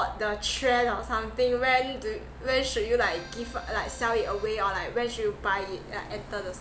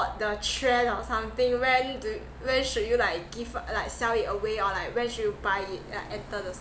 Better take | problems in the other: second | background sound (Accordion); 18 dB below the speech

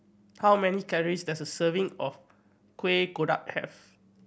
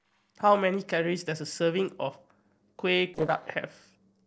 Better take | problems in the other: first | noise reduction (neural separator model SepFormer DNS4)

